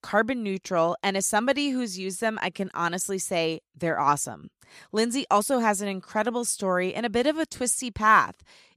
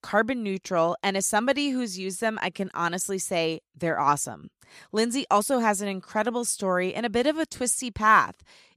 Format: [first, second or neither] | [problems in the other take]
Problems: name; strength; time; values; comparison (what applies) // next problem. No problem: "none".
neither | none